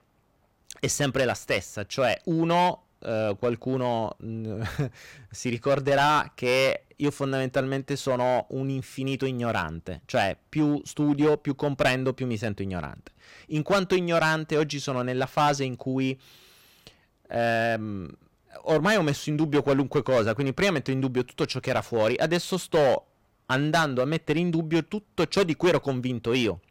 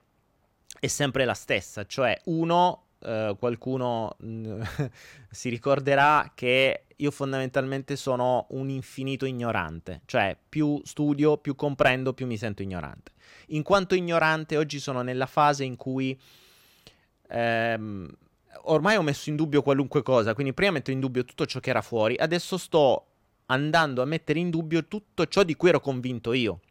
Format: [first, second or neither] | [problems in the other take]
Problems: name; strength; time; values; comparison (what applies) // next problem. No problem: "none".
second | distortion; slight; 4% of the sound clipped